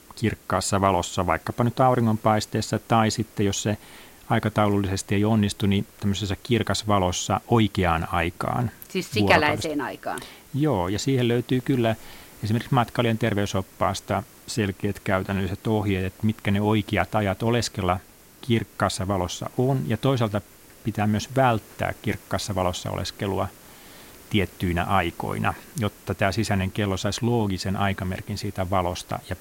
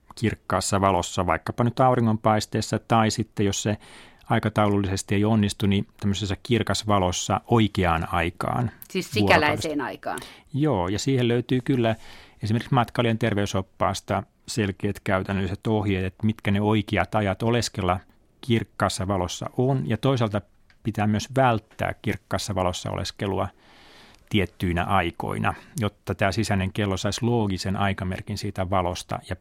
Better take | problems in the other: second | hiss; faint; throughout; 25 dB below the speech

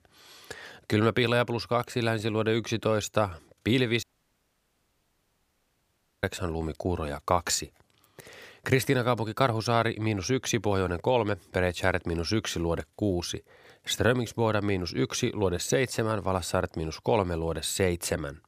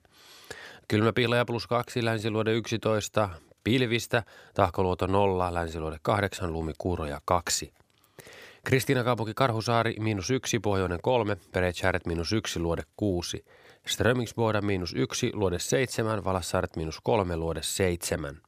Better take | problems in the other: second | audio cutting out; at 4 s for 2 s

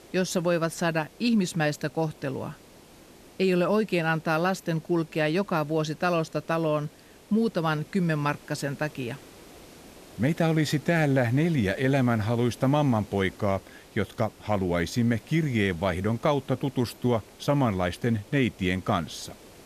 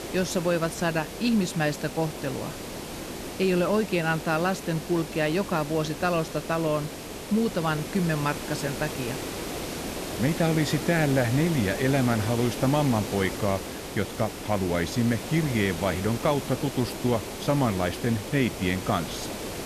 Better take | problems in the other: first | hiss; loud; throughout; 8 dB below the speech; faint in the first

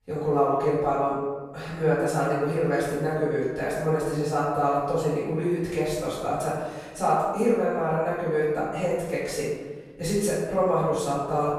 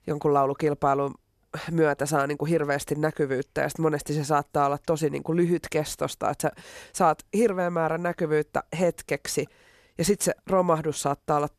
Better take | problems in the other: second | room echo; strong; dies away in 1.2 s // off-mic speech; far

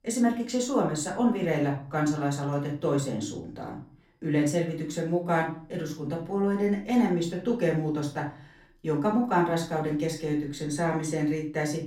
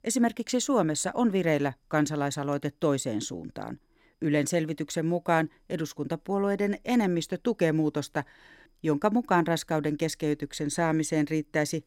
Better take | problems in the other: second | room echo; slight; dies away in 0.4 s // off-mic speech; far

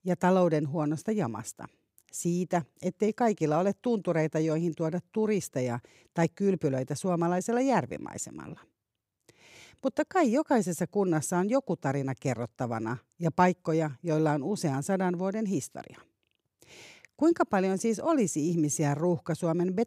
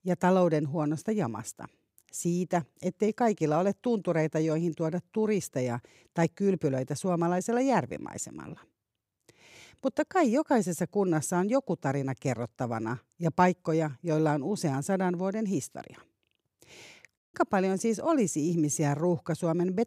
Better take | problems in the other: first | audio cutting out; at 17 s

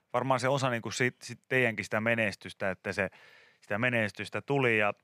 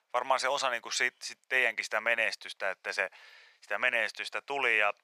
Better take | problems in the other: first | thin; very; fading below 750 Hz

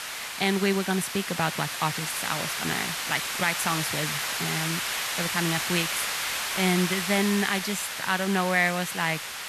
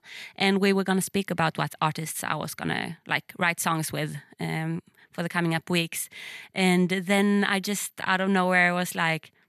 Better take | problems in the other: second | hiss; loud; throughout; 1 dB below the speech

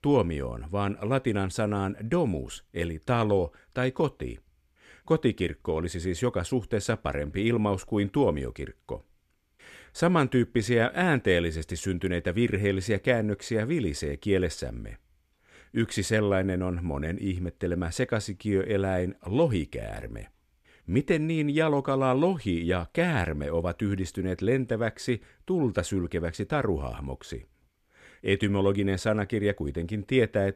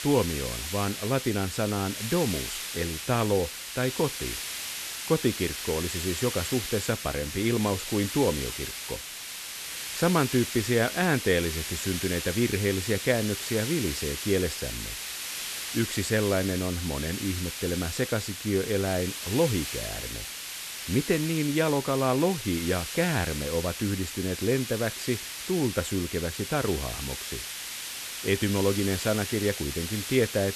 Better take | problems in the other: first | hiss; loud; throughout; 5 dB below the speech

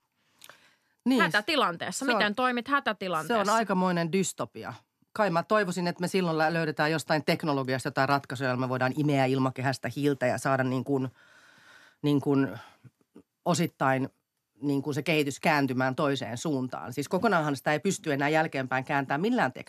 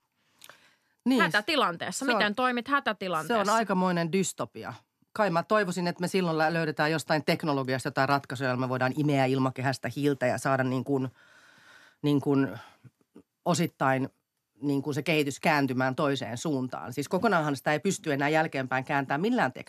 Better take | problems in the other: neither | none

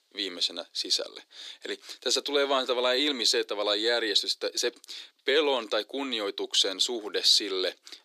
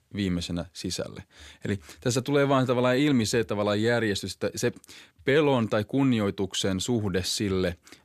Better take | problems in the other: second | thin; somewhat; fading below 300 Hz

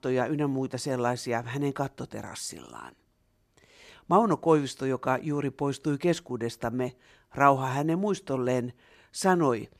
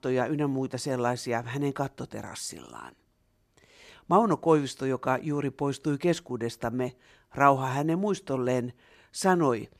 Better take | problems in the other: neither | none

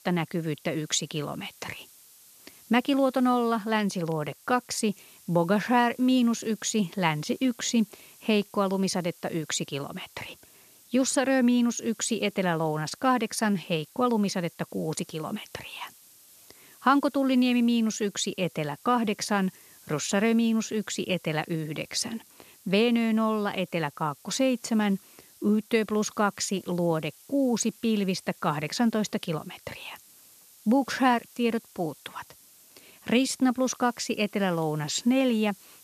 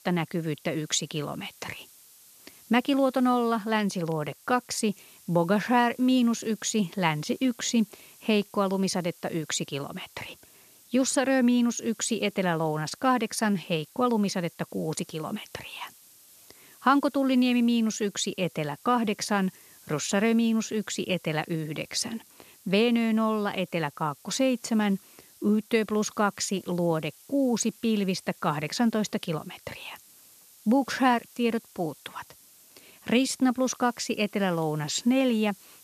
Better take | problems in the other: neither | hiss; faint; throughout; 25 dB below the speech; the same in both

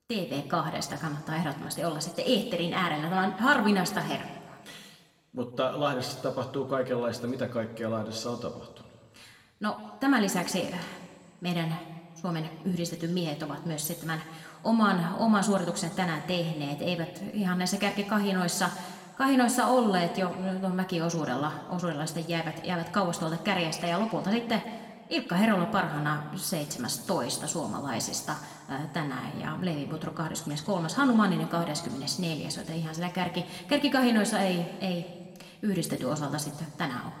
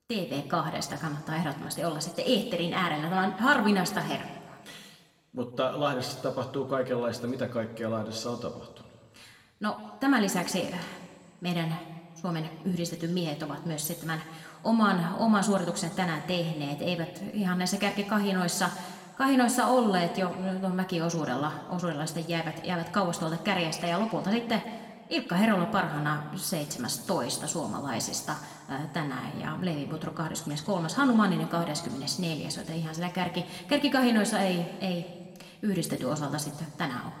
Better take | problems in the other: neither | room echo; slight; dies away in 1.5 s; the same in both

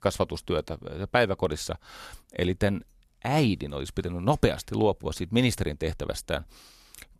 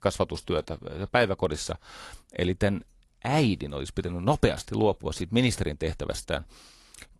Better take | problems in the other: first | garbled, watery; slightly; nothing above 11.5 kHz

